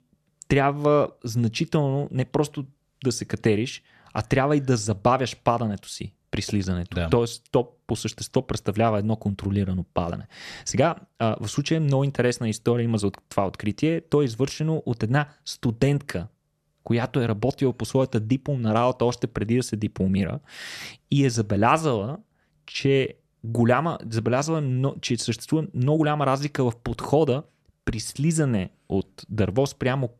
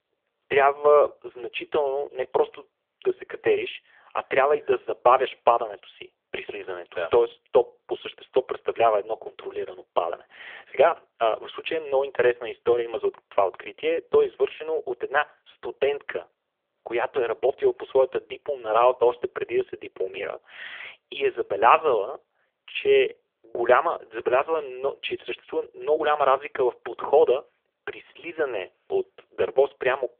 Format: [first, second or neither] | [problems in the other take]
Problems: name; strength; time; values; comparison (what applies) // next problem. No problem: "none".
first | phone-call audio; poor line; nothing above 3.5 kHz